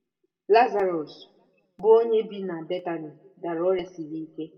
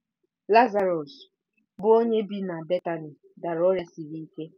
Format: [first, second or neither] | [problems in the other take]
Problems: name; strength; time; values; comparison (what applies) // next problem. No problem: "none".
second | room echo; dies away in 0.5 s